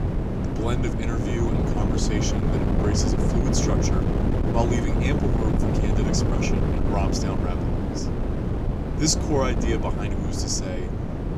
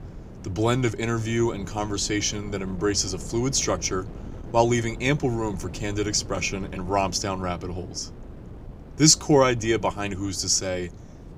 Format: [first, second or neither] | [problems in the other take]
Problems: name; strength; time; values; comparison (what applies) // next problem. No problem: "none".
second | wind noise on the microphone; heavy; as loud as the speech; occasional gusts in the second